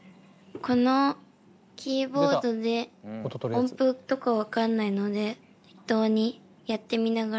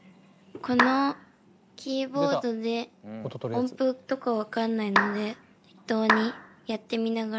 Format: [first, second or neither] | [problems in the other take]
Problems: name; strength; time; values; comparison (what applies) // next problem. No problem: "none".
first | background sound (Clapping); as loud as the speech